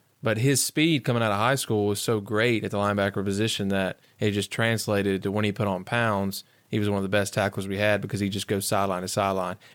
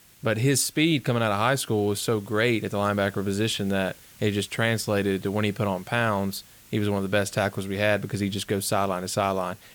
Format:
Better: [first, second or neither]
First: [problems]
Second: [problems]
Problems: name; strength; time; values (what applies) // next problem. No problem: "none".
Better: first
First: none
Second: hiss; faint; throughout; 25 dB below the speech